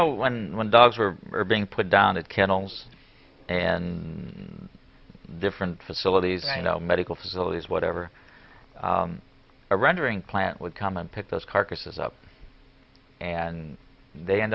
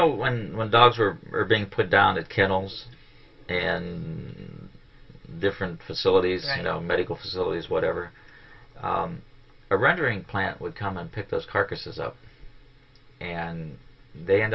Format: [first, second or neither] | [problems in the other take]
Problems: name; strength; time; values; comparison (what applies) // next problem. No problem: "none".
first | room echo; dies away in 0.1 s